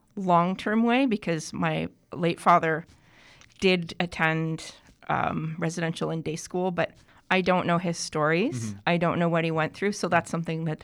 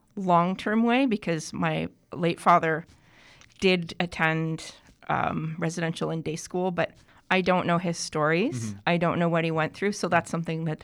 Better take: neither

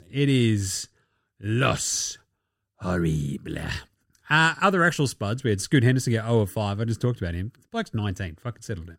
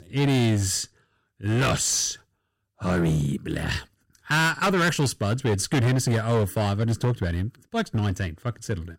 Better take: first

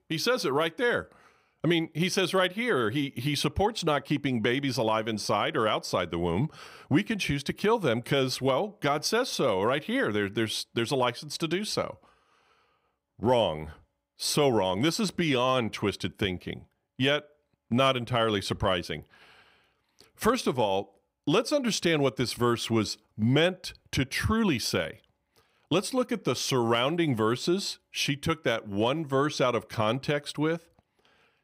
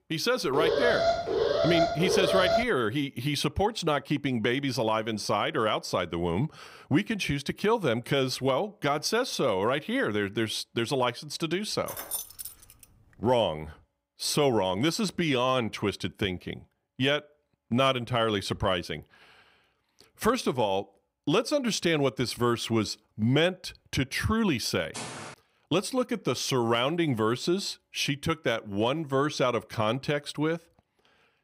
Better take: first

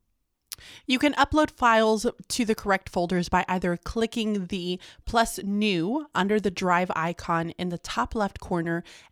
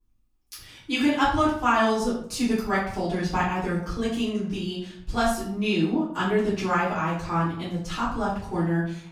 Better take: first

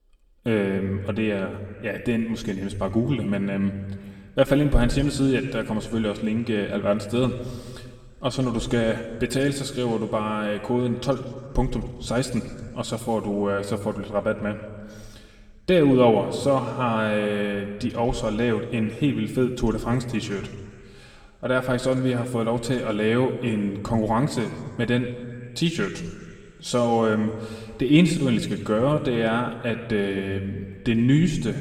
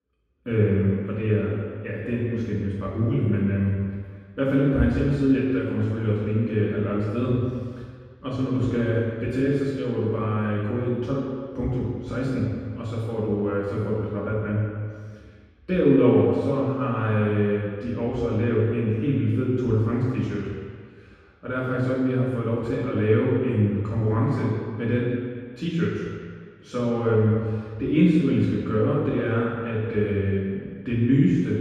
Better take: first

